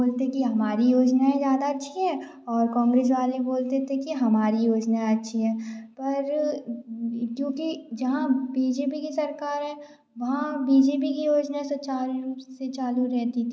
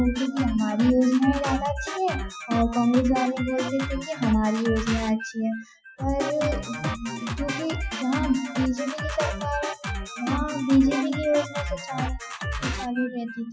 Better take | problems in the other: first | noise reduction (classical method Wiener filter)

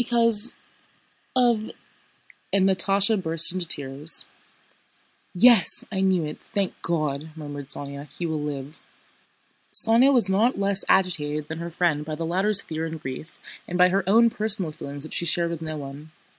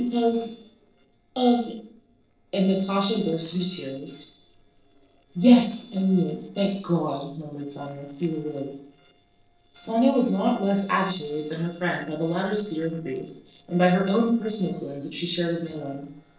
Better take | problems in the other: first | noise reduction (neural separator model SepFormer DNS4)

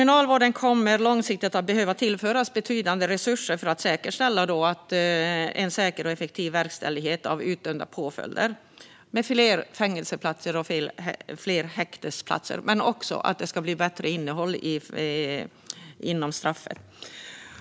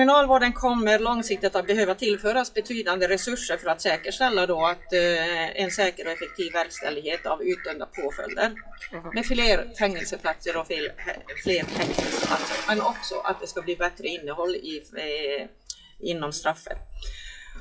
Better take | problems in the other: first | noise reduction (classical method WPE with log-MMSE)

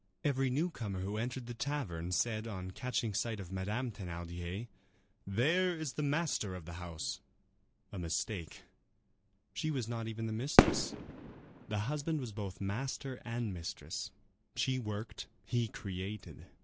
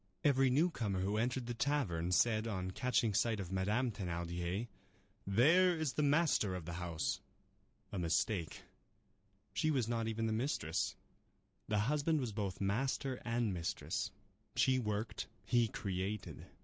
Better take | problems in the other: second | background sound (Fireworks); 4 dB above the speech

